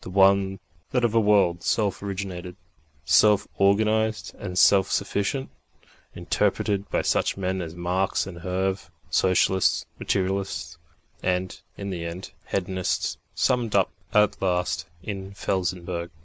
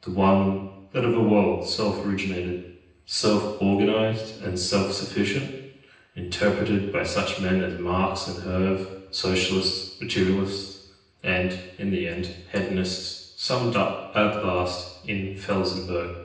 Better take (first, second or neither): first